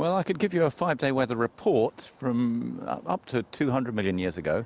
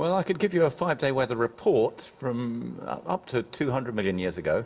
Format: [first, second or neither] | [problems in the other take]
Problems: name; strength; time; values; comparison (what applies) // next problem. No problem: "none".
first | room echo; dies away in 0.2 s